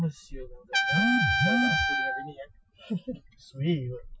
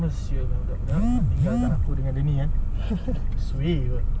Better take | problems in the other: second | noise reduction (classical method Wiener filter)

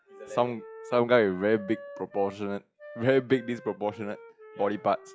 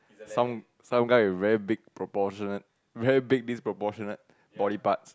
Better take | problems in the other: second | noise reduction (classical method log-MMSE)

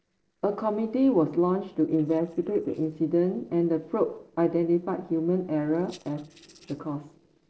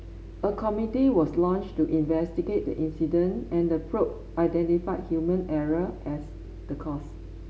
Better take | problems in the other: second | noise reduction (neural separator model SepFormer DNS4)

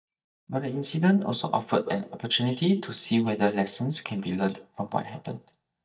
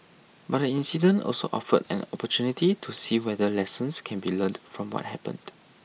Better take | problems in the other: second | noise reduction (neural mask model DeepFilterNet 3)

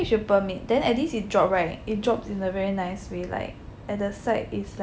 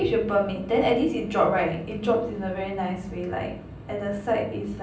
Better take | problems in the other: first | room echo; dies away in 0.6 s

